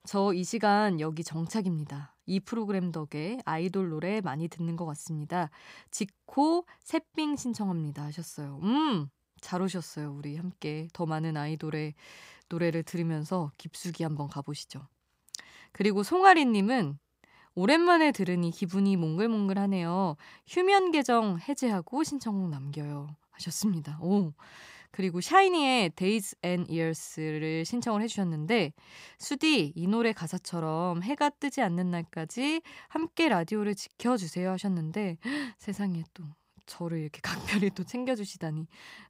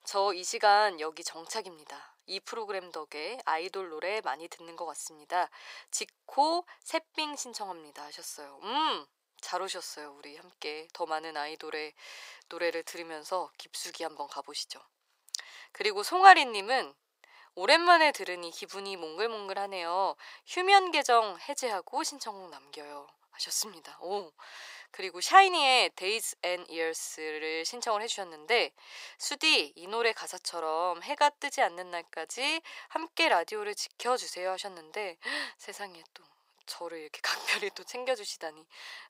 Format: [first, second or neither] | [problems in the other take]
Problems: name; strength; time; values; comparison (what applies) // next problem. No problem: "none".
first | thin; very; fading below 500 Hz